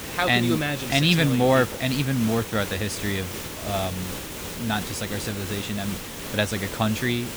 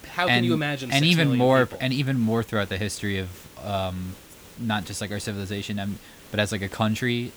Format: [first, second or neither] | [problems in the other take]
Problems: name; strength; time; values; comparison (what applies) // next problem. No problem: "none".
second | hiss; loud; throughout; 8 dB below the speech; faint in the second